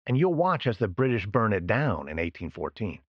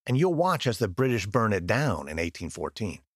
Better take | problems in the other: second | muffled; very; fading above 3 kHz

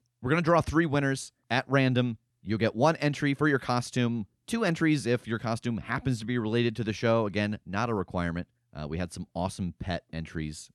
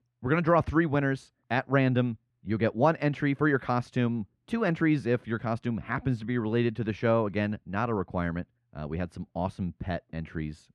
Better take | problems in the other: first | muffled; slightly; fading above 4 kHz

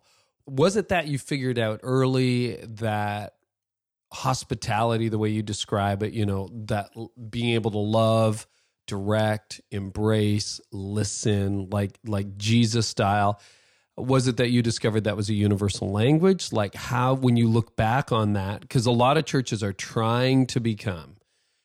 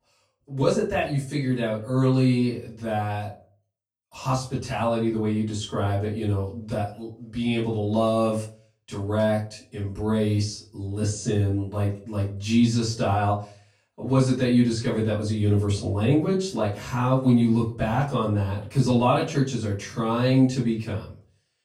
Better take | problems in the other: first | off-mic speech; far // room echo; slight; dies away in 0.3 s

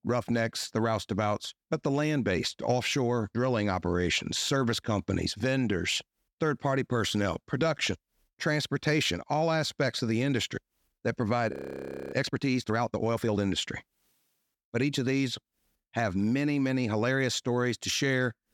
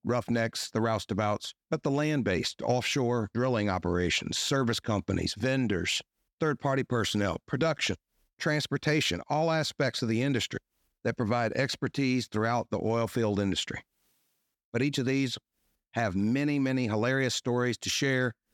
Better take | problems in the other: second | audio freezing; at 12 s for 0.5 s

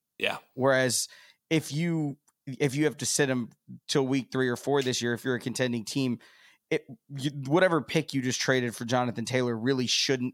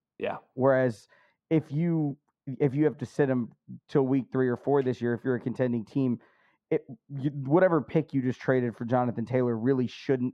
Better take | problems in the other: first | muffled; very; fading above 2.5 kHz

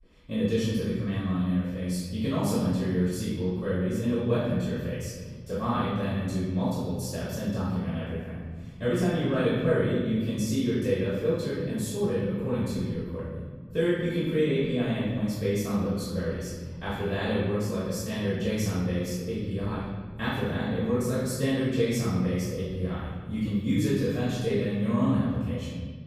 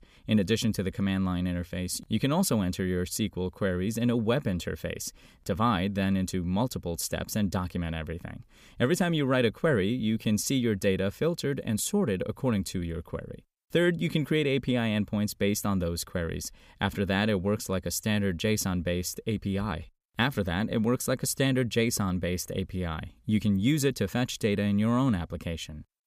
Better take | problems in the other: second | off-mic speech; far // room echo; strong; dies away in 1.8 s

